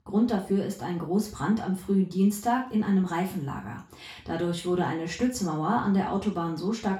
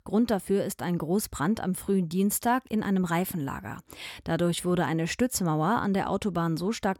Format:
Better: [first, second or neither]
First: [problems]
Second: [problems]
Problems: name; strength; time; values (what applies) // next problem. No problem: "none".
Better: second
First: room echo; slight; dies away in 0.4 s // off-mic speech; far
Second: none